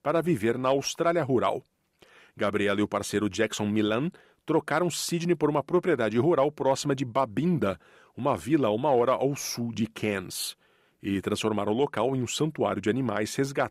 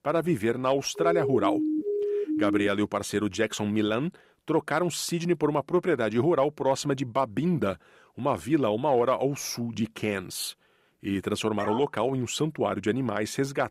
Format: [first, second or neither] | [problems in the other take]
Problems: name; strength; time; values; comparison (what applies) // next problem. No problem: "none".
first | siren; loud; from 1 to 2.5 s; peak level with the speech // dog barking; noticeable; at 12 s; peak 7 dB below the speech